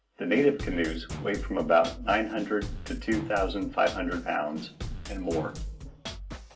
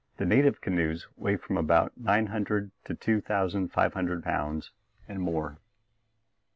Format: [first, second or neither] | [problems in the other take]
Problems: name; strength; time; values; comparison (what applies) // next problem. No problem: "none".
second | background sound (Drum kit); 9 dB below the speech // room echo; dies away in 0.2 s